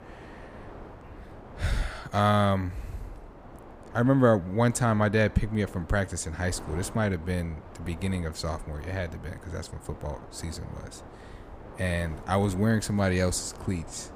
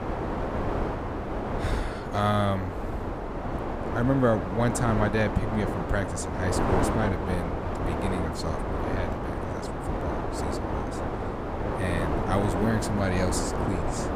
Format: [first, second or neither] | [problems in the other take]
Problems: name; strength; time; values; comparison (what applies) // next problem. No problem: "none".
first | wind noise on the microphone; heavy; 1 dB below the speech; occasional gusts in the first